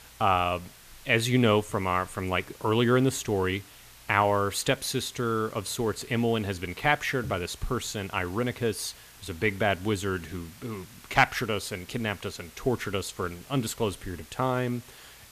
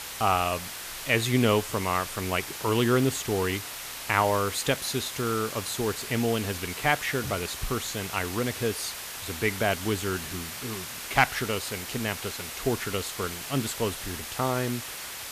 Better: first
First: hiss; faint; throughout; 20 dB below the speech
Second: hiss; loud; throughout; 7 dB below the speech

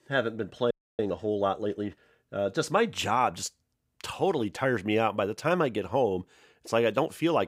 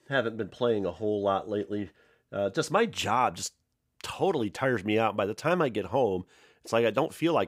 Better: second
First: audio freezing; at 0.5 s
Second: none

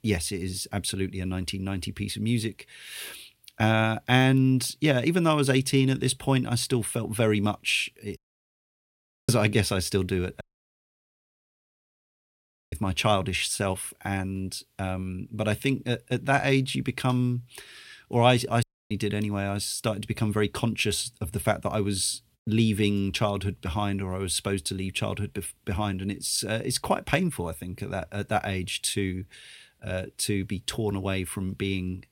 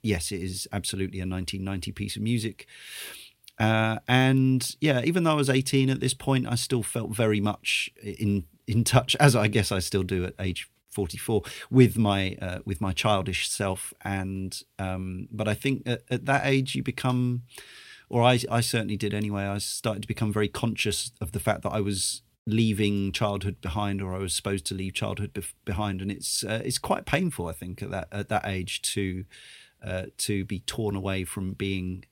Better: second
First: audio cutting out; at 8 s for 1 s, at 10 s for 2.5 s and at 19 s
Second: none

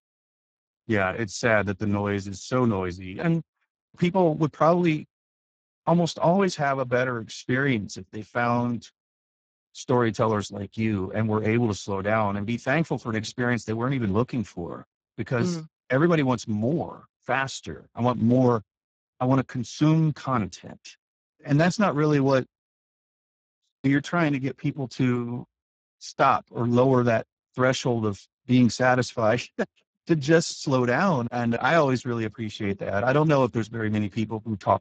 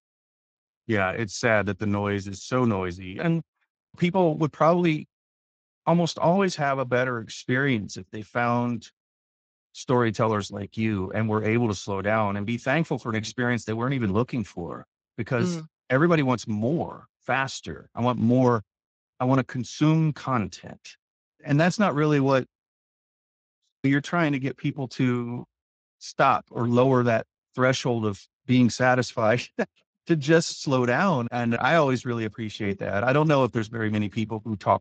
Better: second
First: garbled, watery; badly; nothing above 7.5 kHz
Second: garbled, watery; slightly; nothing above 7.5 kHz

